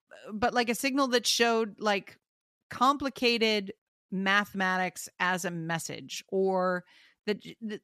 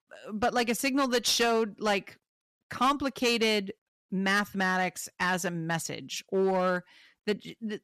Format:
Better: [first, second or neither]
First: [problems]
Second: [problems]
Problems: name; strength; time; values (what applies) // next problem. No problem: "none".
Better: first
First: none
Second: distortion; slight; 5% of the sound clipped